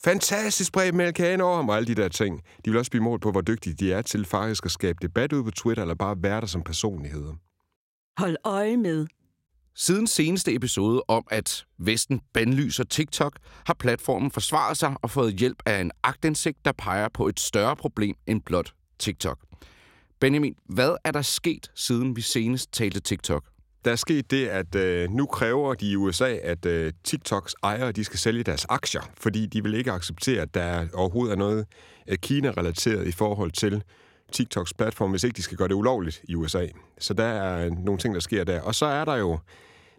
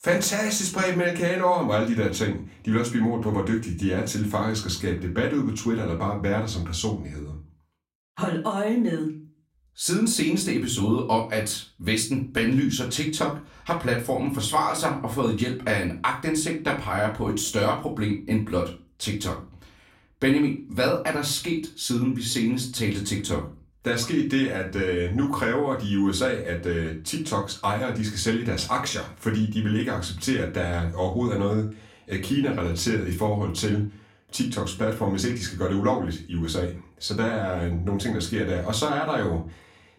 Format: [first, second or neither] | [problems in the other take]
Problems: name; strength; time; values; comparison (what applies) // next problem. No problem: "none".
first | off-mic speech; far // room echo; very slight; dies away in 0.3 s